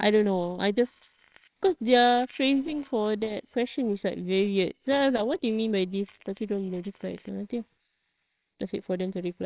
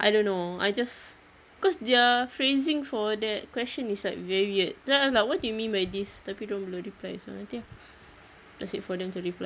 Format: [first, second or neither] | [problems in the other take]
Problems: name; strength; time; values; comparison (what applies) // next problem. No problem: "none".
second | noise reduction (neural separator model SepFormer WHAMR!)